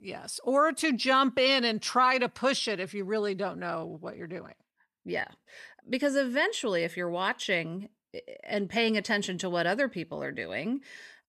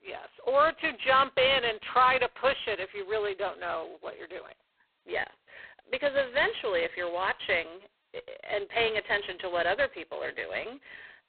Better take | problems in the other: first | phone-call audio; poor line

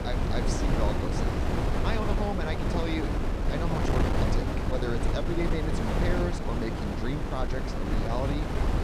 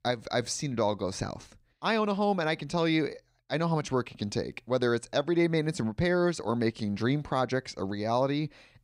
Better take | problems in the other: second | wind noise on the microphone; heavy; 2 dB above the speech

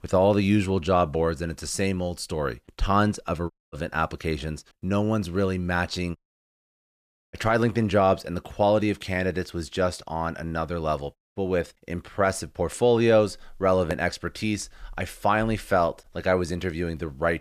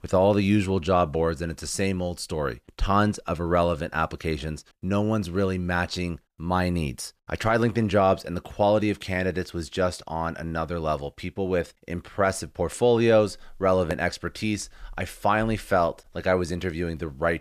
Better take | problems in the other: second | audio cutting out; at 3.5 s, at 6 s for 1 s and at 11 s

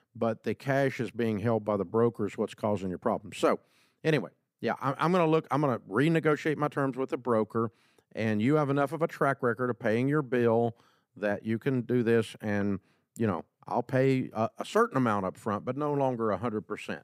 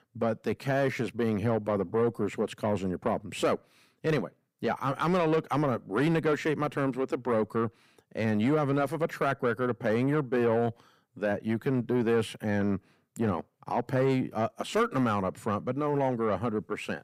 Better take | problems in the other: first | distortion; slight; 10 dB below the speech

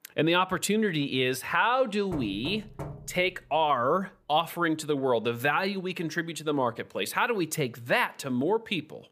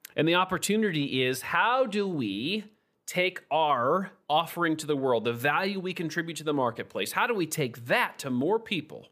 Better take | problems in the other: second | door banging; faint; from 2 to 3.5 s; peak 10 dB below the speech

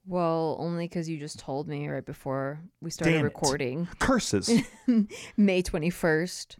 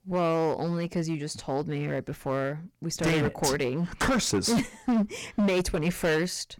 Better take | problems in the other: first | distortion; heavy; 14% of the sound clipped

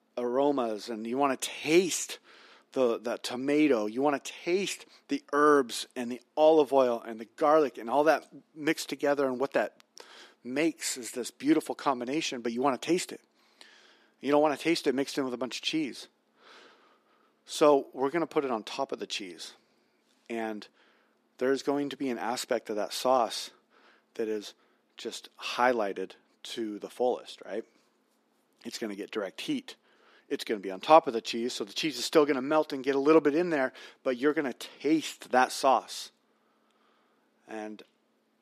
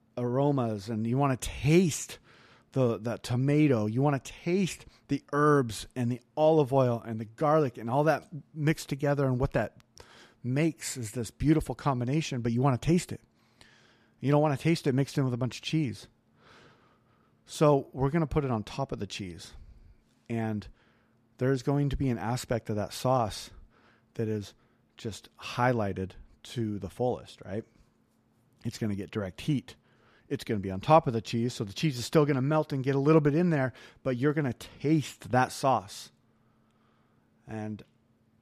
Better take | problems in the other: second | thin; somewhat; fading below 300 Hz

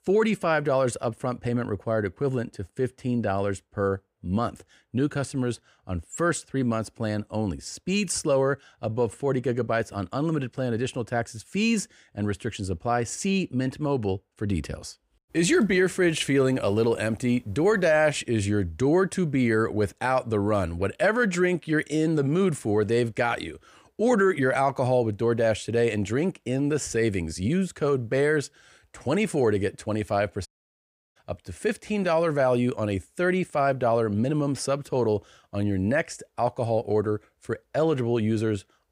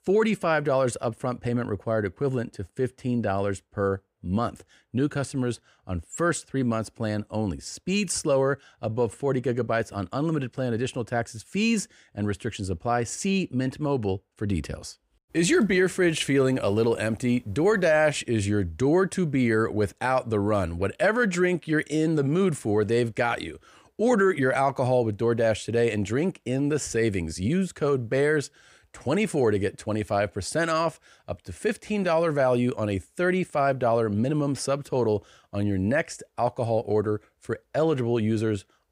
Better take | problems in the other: second | audio cutting out; at 30 s for 0.5 s

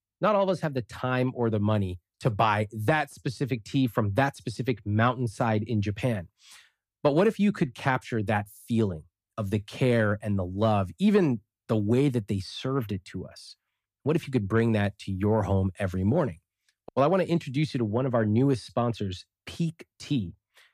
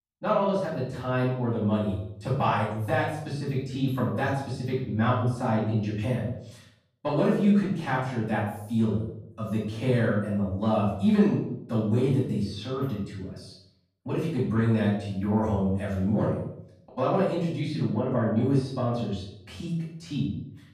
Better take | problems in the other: first | off-mic speech; far // room echo; noticeable; dies away in 0.6 s

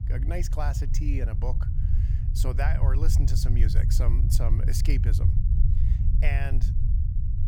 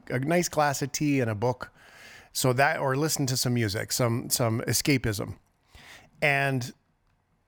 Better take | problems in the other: second | low rumble; loud; throughout; 5 dB below the speech

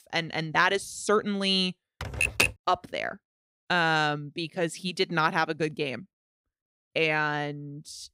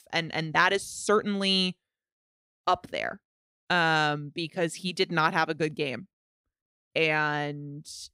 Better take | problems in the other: second | keyboard typing; loud; at 2 s; peak 4 dB above the speech

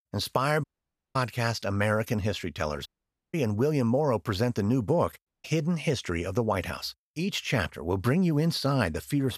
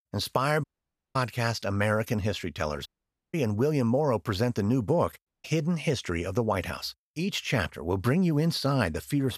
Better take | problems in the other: neither | audio cutting out; at 0.5 s for 0.5 s, at 3 s and at 5.5 s; the same in both

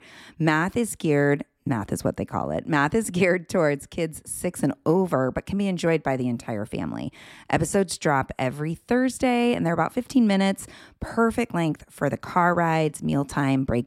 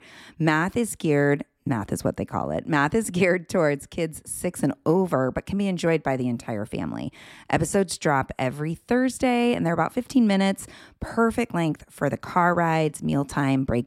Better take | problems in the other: neither | none

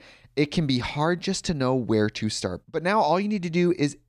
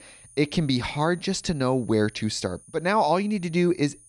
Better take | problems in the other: first | high-pitched whine; faint; throughout; 9 kHz, 25 dB below the speech

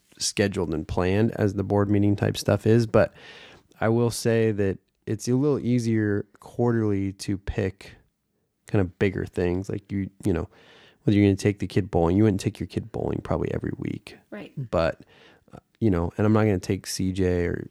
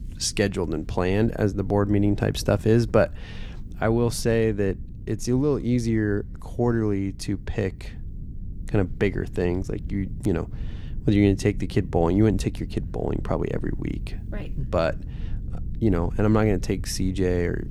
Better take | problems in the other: first | low rumble; faint; throughout; 25 dB below the speech

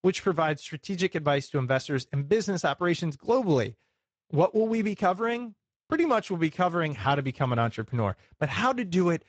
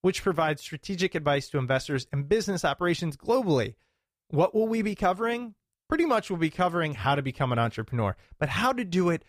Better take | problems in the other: second | garbled, watery; slightly; nothing above 7.5 kHz

